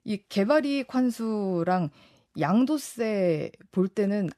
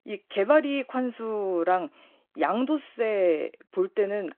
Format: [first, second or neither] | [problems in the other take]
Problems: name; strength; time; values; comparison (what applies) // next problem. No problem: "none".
first | phone-call audio